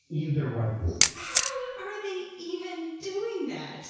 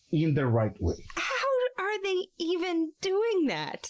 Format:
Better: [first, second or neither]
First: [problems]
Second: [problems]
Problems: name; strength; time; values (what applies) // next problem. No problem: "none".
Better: second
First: background sound (Camera); 3 dB above the speech // room echo; dies away in 1.1 s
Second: none